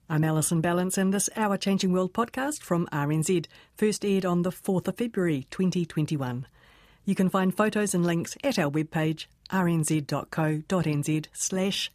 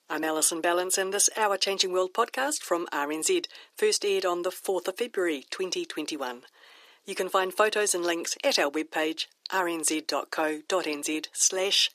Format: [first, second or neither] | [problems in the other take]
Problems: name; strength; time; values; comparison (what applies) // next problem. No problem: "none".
first | thin; very; fading below 350 Hz